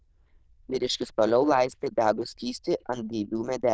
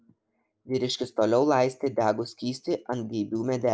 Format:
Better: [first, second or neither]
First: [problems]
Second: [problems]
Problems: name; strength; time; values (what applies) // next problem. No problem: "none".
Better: second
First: noise reduction (neural diffusion model UNIVERSE++)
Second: none